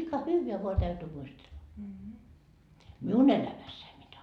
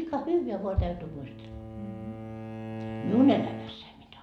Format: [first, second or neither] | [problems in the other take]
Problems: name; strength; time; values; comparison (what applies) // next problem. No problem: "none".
first | background sound (Bowed string instrument); 10 dB below the speech